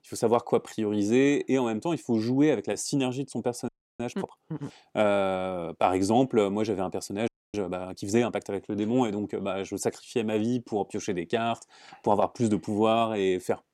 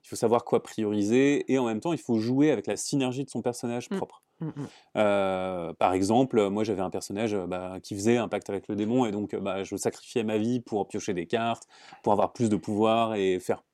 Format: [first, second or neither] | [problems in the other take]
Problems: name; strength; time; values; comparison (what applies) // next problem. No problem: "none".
second | audio freezing; at 3.5 s and at 7.5 s